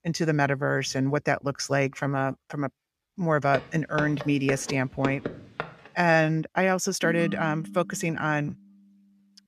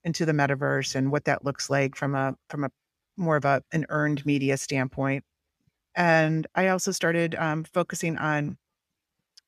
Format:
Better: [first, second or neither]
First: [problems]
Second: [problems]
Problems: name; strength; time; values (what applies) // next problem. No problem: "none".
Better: second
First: footsteps; noticeable; from 3.5 to 5.5 s; peak 7 dB below the speech // phone ringing; noticeable; from 7 to 8 s; peak 6 dB below the speech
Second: none